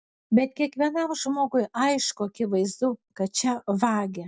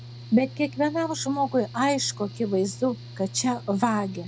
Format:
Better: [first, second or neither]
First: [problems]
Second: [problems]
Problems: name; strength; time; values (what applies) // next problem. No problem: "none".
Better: first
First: none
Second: background sound (Mechanical fan / Engine); 15 dB below the speech